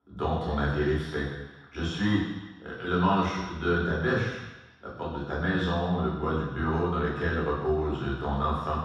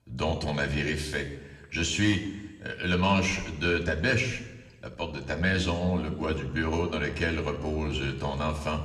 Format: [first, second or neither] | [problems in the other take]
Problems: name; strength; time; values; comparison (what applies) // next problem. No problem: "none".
second | room echo; strong; dies away in 1.2 s; slight in the second // off-mic speech; far; somewhat distant in the second